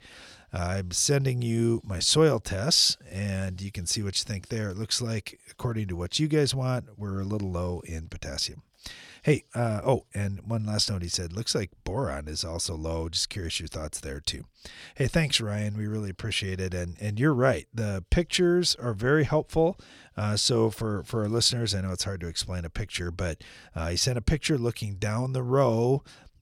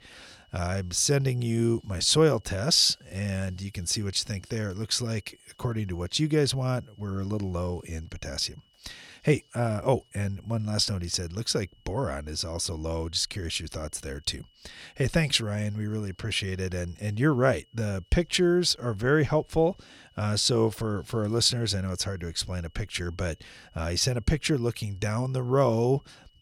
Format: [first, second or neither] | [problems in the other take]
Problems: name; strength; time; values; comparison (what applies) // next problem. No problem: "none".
first | high-pitched whine; faint; throughout; 3 kHz, 35 dB below the speech